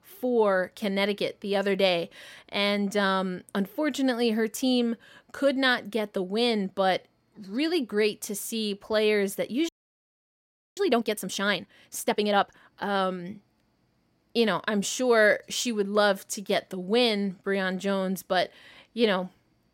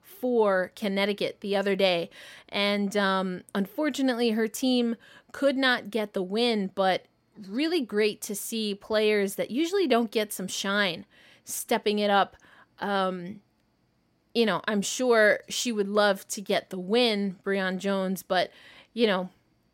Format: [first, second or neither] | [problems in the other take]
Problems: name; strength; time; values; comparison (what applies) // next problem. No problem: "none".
second | audio freezing; at 9.5 s for 1 s